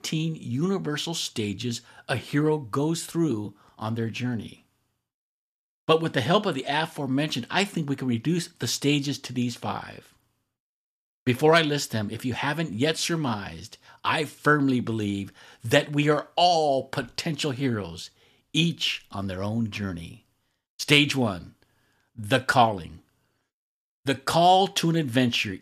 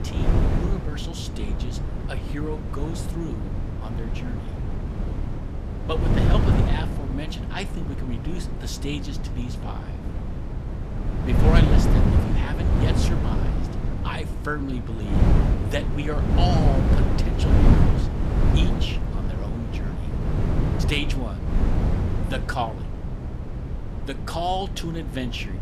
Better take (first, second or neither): first